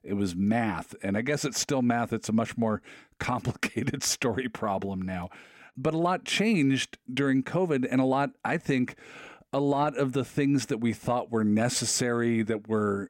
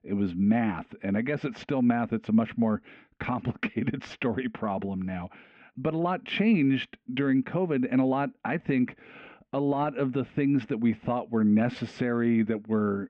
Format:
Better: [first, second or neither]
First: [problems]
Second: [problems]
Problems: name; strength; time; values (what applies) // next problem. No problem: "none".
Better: first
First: none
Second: muffled; very; fading above 3 kHz